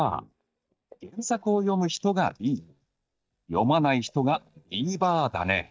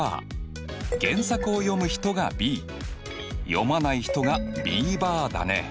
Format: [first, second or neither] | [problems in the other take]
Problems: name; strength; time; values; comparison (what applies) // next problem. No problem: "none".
second | noise reduction (neural mask model DeepFilterNet 3)